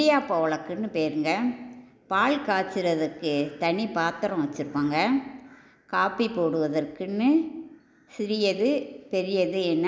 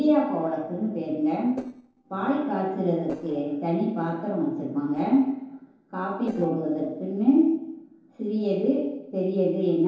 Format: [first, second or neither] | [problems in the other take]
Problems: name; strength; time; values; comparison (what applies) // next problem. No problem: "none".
first | noise reduction (neural separator model SepFormer DNS4)